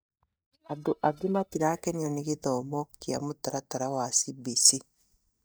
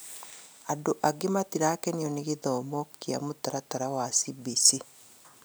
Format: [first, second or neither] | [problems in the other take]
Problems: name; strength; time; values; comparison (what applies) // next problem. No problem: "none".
second | noise reduction (neural mask model DeepFilterNet 3)